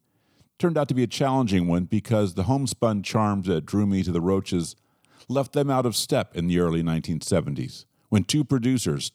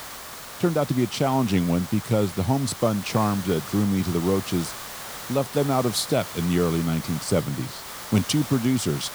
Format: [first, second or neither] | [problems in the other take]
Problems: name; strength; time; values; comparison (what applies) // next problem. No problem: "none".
first | hiss; noticeable; throughout; 10 dB below the speech